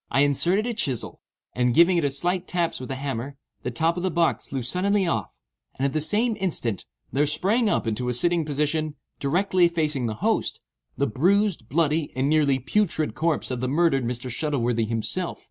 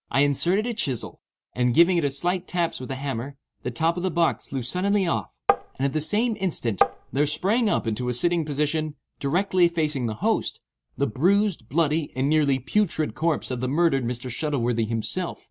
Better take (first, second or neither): first